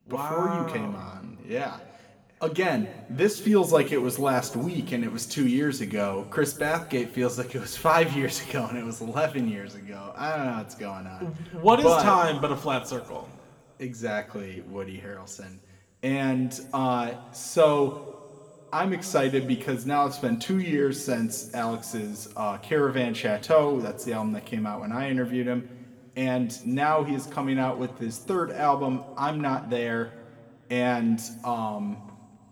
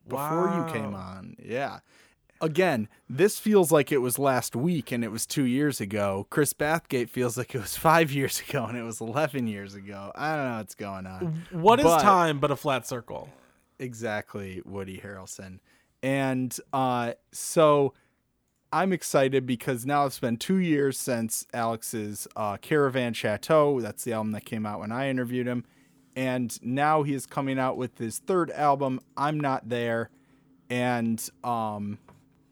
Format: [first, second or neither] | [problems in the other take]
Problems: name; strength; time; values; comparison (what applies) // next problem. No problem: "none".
second | room echo; slight; dies away in 2 s